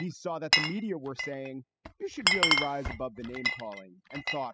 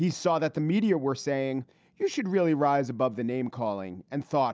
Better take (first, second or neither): second